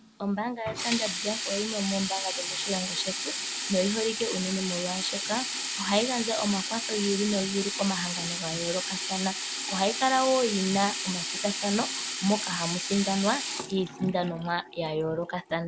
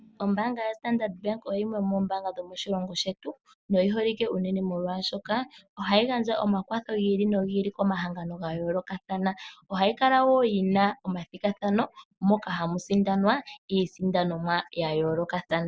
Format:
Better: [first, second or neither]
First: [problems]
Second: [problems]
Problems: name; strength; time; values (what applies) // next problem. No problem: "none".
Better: second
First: background sound (Sink (filling or washing)); 3 dB below the speech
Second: none